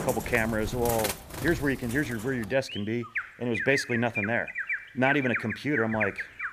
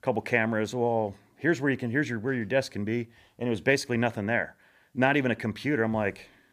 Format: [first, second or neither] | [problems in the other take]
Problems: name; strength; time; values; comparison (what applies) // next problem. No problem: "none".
second | animal sounds; loud; throughout; 5 dB below the speech